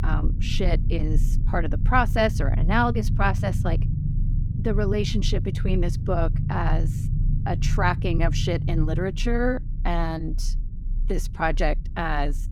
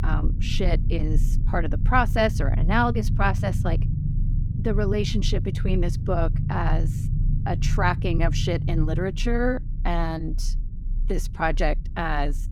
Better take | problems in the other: neither | low rumble; noticeable; throughout; 15 dB below the speech; the same in both

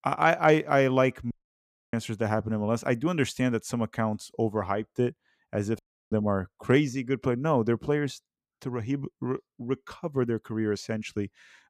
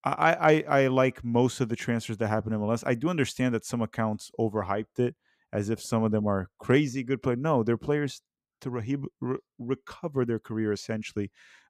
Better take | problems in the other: second | audio cutting out; at 1.5 s for 0.5 s and at 6 s

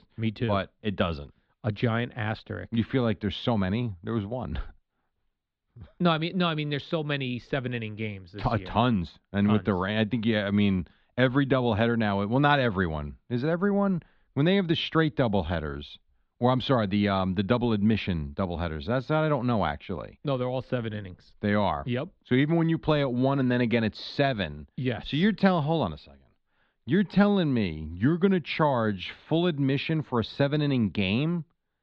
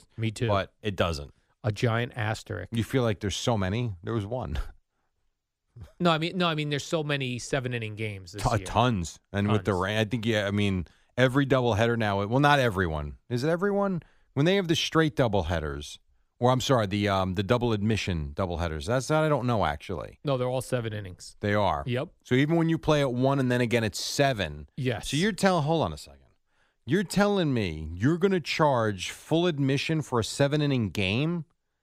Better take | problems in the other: second | muffled; slightly; fading above 4 kHz

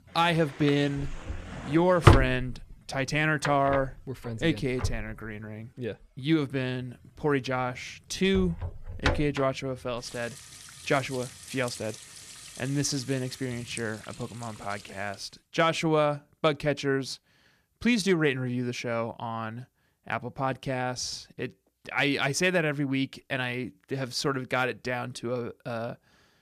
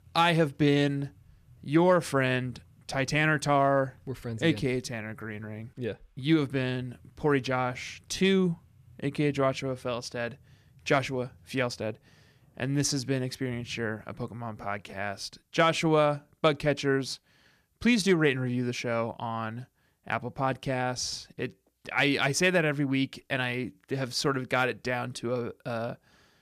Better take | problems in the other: second | household noises; loud; until 15 s; 3 dB below the speech

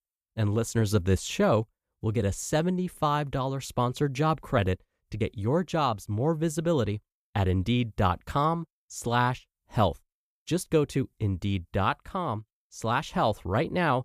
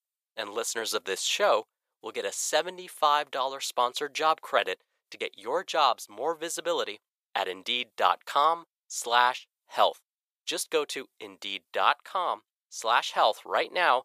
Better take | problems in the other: first | thin; very; fading below 600 Hz

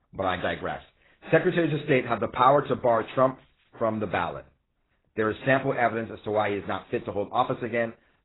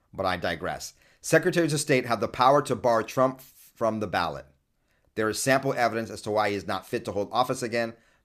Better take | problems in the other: second | garbled, watery; badly; nothing above 4 kHz

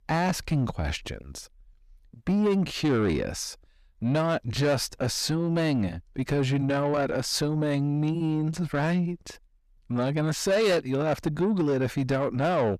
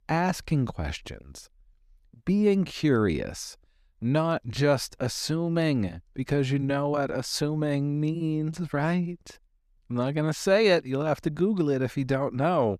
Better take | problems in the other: second | distortion; slight; 10 dB below the speech

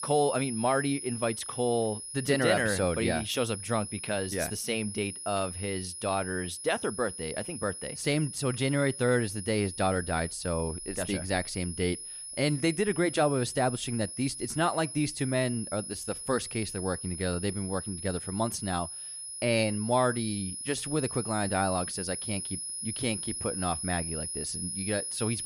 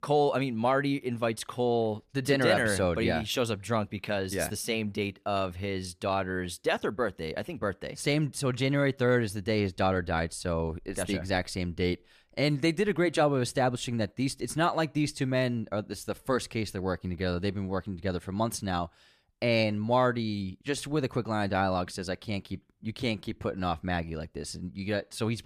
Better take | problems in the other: second | high-pitched whine; loud; throughout; 10.5 kHz, 6 dB below the speech

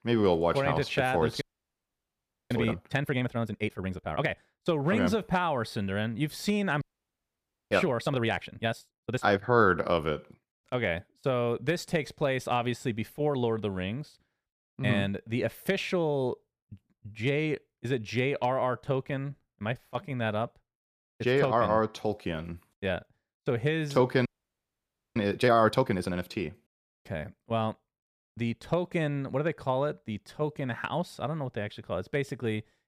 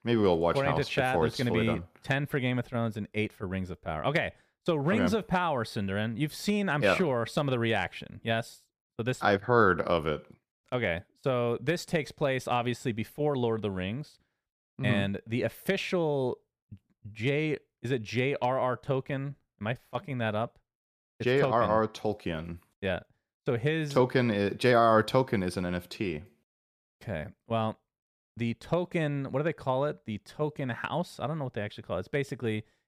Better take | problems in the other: second | audio freezing; at 1.5 s for 1 s, at 7 s for 1 s and at 24 s for 1 s

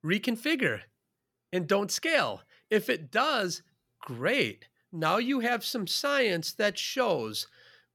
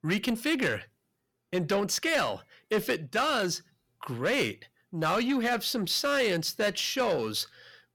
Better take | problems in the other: first | distortion; slight; 10 dB below the speech

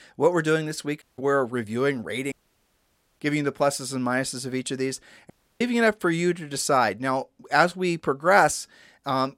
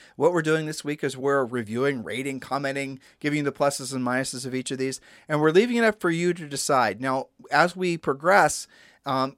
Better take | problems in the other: second | audio cutting out; at 1 s, at 2.5 s for 1 s and at 5.5 s

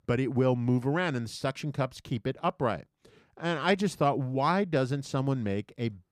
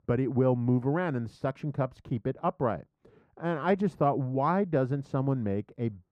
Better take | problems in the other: first | muffled; very; fading above 2 kHz

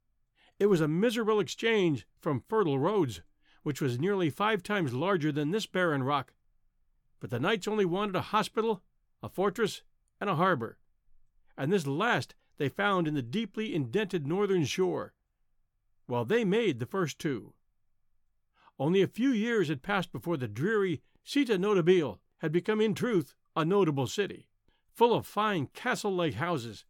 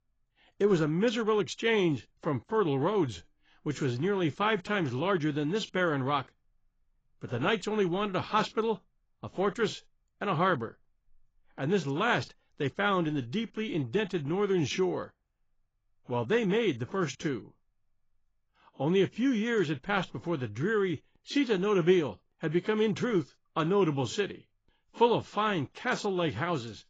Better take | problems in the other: first | garbled, watery; badly; nothing above 7.5 kHz

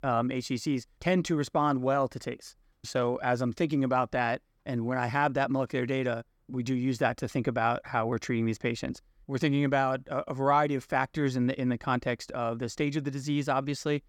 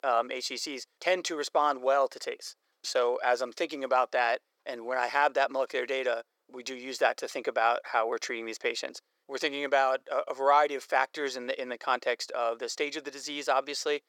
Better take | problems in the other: first | thin; very; fading below 450 Hz

